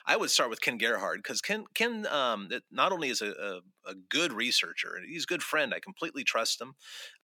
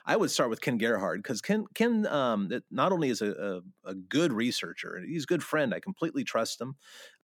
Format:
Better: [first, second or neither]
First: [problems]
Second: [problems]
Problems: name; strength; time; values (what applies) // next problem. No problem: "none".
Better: second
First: thin; somewhat; fading below 1 kHz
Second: none